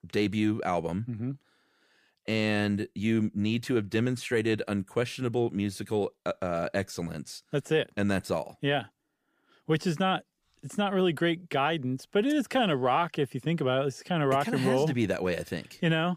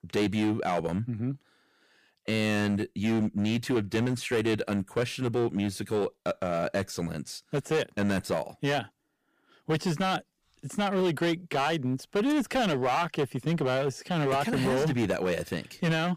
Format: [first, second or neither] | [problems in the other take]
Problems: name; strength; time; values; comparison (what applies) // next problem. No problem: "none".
first | distortion; slight; 11% of the sound clipped